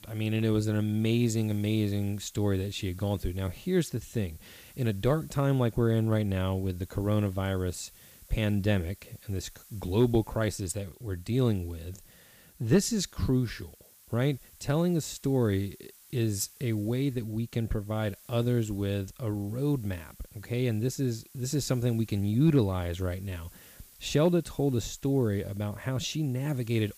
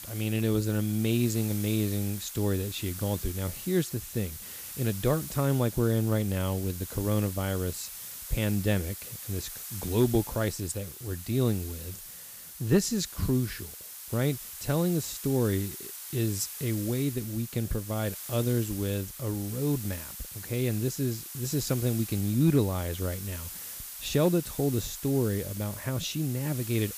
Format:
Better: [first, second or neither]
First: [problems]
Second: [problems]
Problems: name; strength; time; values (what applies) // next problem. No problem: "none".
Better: first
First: hiss; faint; throughout; 25 dB below the speech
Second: hiss; loud; throughout; 9 dB below the speech